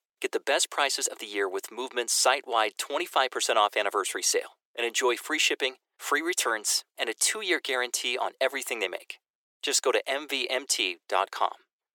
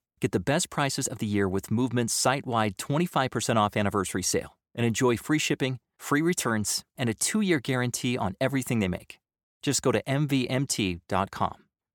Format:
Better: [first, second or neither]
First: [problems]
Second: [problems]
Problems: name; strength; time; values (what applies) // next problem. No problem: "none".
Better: second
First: thin; very; fading below 400 Hz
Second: none